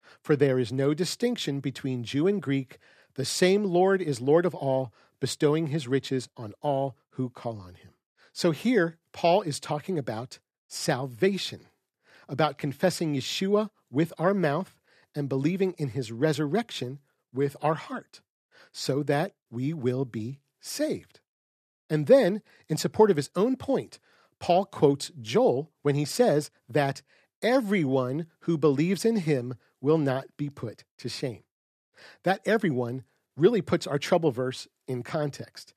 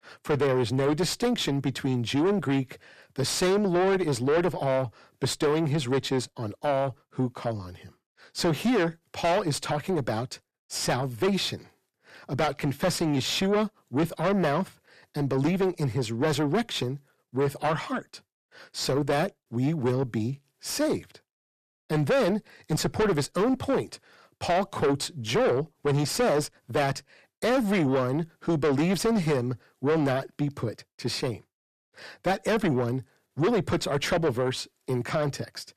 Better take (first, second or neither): first